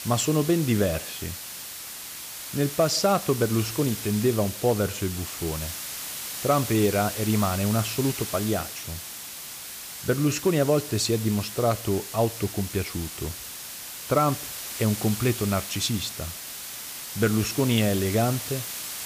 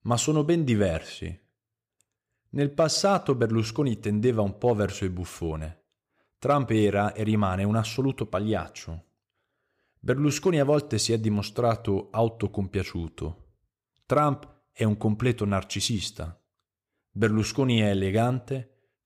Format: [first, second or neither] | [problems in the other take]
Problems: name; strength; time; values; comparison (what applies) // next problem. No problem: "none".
second | hiss; loud; throughout; 8 dB below the speech